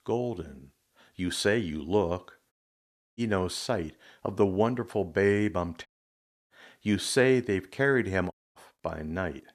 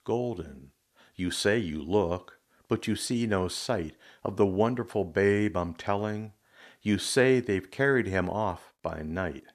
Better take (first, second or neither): second